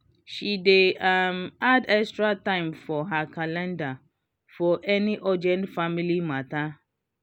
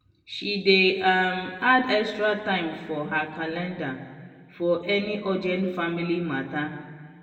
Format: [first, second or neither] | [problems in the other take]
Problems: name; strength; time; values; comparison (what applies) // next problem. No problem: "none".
first | room echo; dies away in 1.5 s